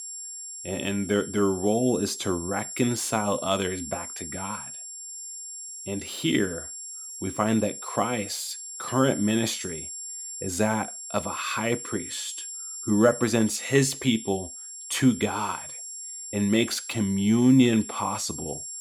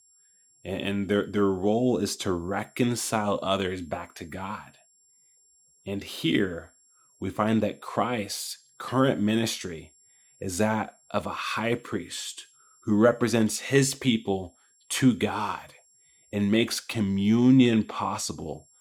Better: second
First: high-pitched whine; loud; throughout; 7.5 kHz, 10 dB below the speech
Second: high-pitched whine; faint; throughout; 7.5 kHz, 35 dB below the speech

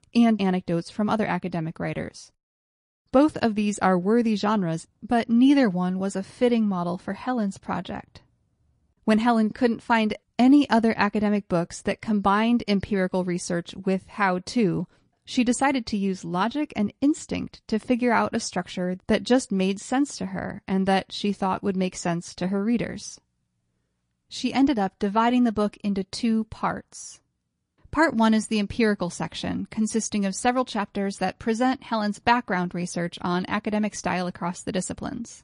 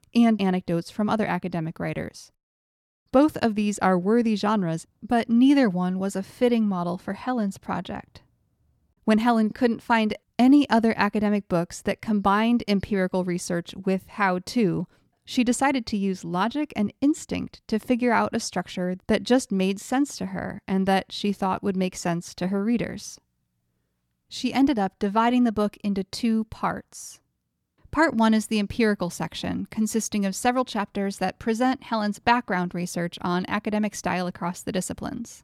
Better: second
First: garbled, watery; slightly; nothing above 10.5 kHz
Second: none

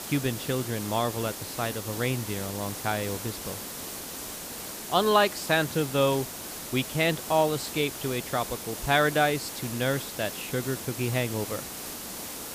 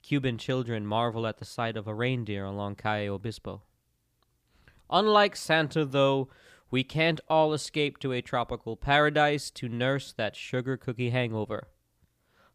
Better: second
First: hiss; loud; throughout; 8 dB below the speech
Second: none

